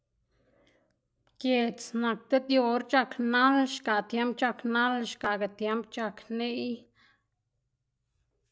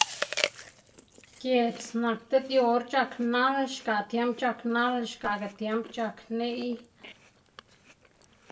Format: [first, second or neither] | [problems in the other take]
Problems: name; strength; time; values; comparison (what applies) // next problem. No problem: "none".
first | background sound (Chewing, mastication); 10 dB below the speech // room echo; dies away in 0.2 s